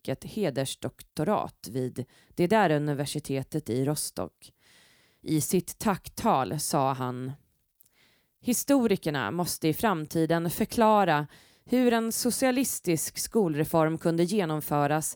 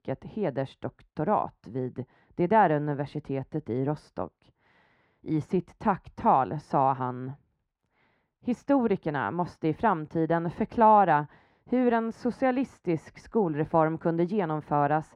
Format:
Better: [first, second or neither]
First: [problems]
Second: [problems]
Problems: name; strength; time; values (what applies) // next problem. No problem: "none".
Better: first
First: none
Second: muffled; very; fading above 1.5 kHz